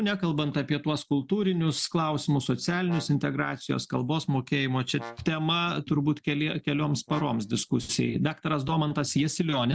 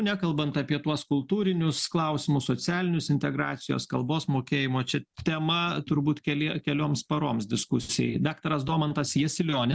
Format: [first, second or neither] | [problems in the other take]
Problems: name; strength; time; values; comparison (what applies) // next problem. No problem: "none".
second | background sound (Brass instrument); 20 dB below the speech